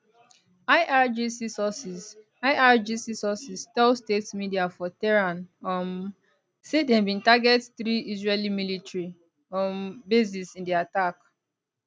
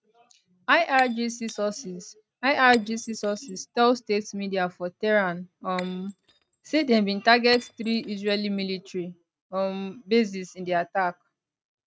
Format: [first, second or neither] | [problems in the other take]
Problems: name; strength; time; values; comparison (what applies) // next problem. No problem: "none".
first | noise reduction (neural mask model RNNoise)